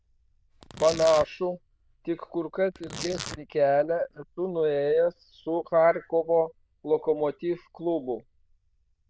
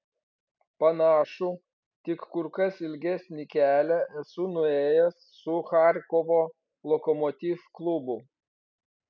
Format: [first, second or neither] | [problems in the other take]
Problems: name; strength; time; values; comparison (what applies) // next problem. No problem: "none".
second | noise reduction (neural diffusion model UNIVERSE++)